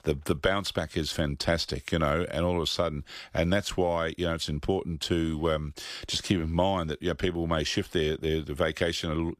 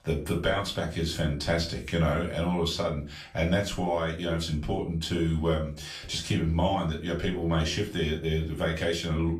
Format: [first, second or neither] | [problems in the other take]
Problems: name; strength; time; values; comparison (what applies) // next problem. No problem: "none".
first | room echo; slight; dies away in 0.3 s // off-mic speech; far